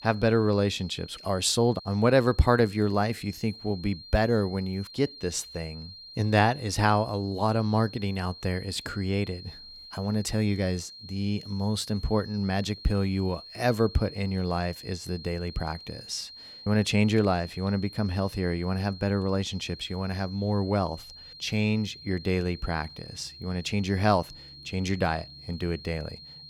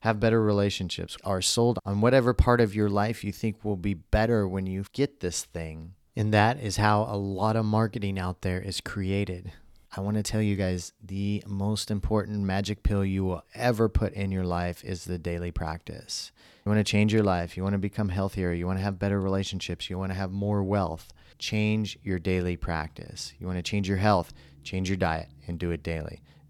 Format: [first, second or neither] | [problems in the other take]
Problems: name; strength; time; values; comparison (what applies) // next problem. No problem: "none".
second | high-pitched whine; noticeable; throughout; 4 kHz, 15 dB below the speech